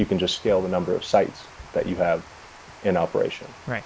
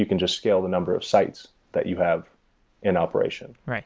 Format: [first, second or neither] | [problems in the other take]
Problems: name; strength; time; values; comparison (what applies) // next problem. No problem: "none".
second | background sound (Water); 18 dB below the speech